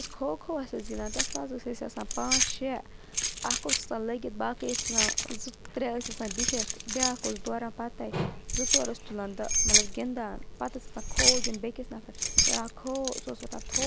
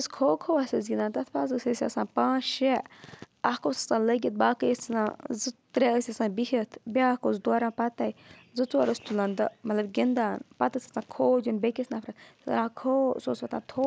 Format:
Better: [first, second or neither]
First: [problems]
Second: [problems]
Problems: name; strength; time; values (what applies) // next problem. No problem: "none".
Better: second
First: background sound (Keys jangling); 4 dB above the speech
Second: none